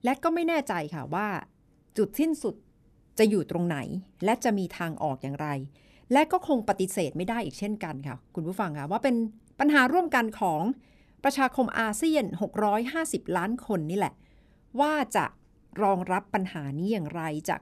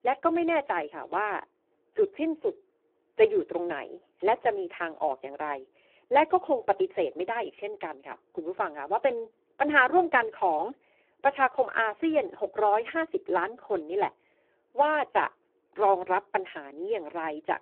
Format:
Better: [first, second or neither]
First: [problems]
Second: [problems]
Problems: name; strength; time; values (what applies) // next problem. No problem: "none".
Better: first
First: none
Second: phone-call audio; poor line